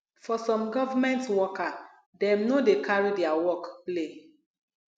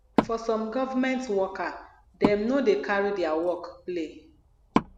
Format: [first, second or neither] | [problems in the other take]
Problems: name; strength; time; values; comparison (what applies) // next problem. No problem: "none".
first | background sound (Wood); 5 dB below the speech